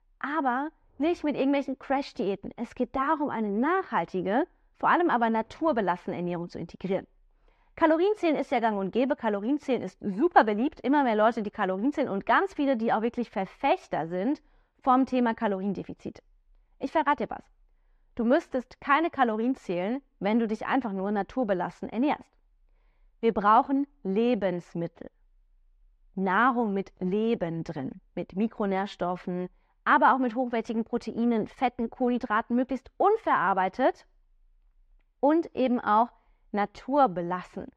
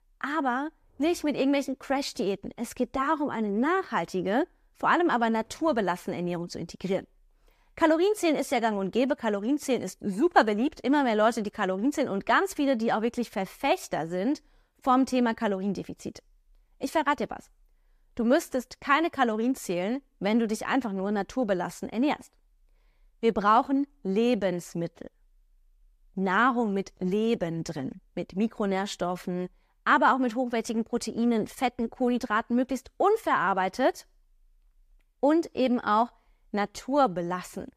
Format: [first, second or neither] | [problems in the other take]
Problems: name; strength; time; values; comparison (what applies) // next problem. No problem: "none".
second | muffled; slightly; fading above 3 kHz